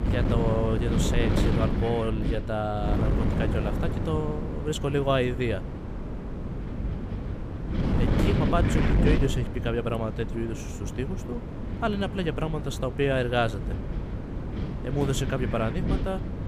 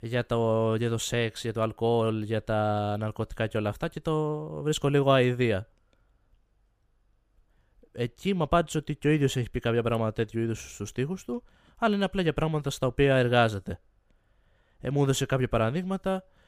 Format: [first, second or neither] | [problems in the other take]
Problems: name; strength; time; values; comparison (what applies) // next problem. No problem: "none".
second | wind noise on the microphone; heavy; 5 dB below the speech